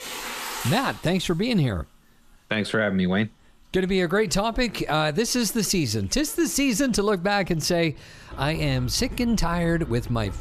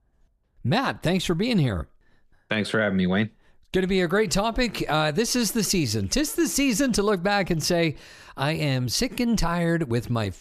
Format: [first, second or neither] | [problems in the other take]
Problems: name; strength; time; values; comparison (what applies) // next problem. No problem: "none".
second | household noises; noticeable; throughout; 10 dB below the speech